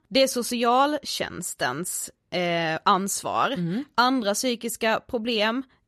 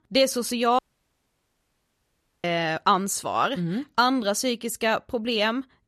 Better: first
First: none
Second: audio cutting out; at 1 s for 1.5 s

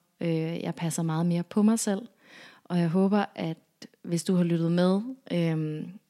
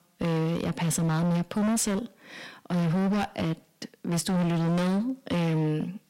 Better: first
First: none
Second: distortion; heavy; 30% of the sound clipped

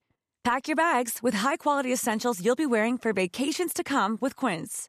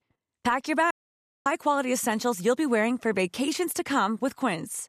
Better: first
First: none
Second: audio cutting out; at 1 s for 0.5 s

